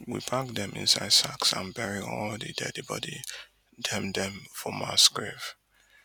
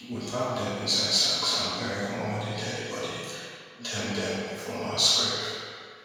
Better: first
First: none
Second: room echo; dies away in 1.9 s

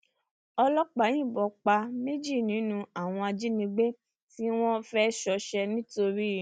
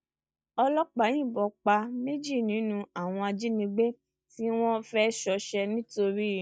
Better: first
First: none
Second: noise reduction (neural mask model DeepFilterNet 3)

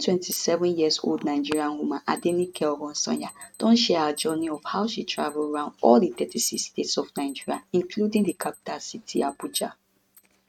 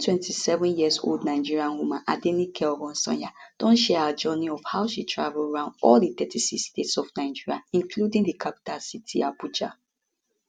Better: second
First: noise reduction (neural mask model RNNoise)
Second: none

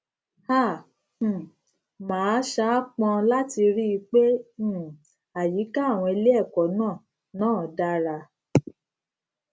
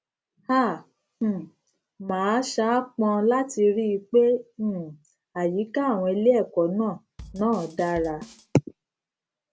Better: first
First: none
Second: background sound (Bass drum / Snare drum / Drum kit); 18 dB below the speech

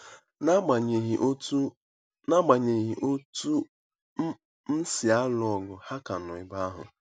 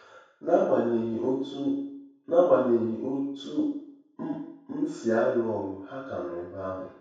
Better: first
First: none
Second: room echo; dies away in 0.7 s

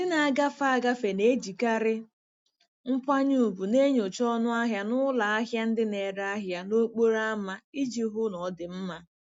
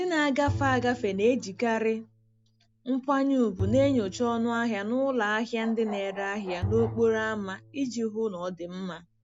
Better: first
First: none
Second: background sound (Bowed string instrument + Bark); 11 dB below the speech

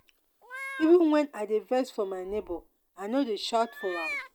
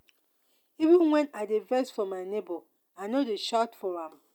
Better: second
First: background sound (Meow); 14 dB below the speech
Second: none

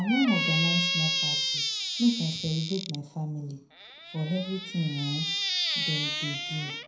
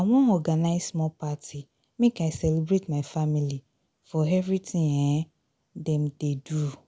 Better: second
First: background sound (Squeak); 1 dB below the speech // room echo; dies away in 0.4 s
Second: none

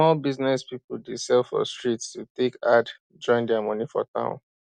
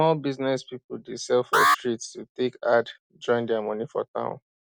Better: first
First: none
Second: background sound (Alarm); as loud as the speech

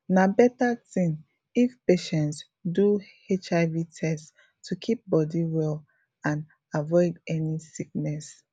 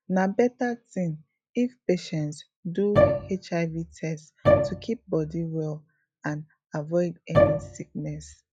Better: first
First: none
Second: noise reduction (classical method log-MMSE)

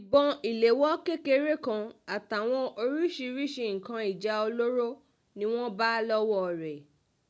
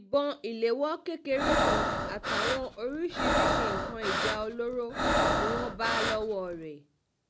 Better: first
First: none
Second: background sound (Breathing); 4 dB above the speech

